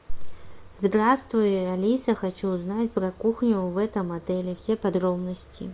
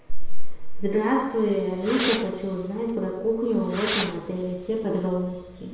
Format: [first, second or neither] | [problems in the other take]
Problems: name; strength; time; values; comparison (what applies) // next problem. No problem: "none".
first | background sound (Fireworks); 14 dB below the speech // room echo; dies away in 1 s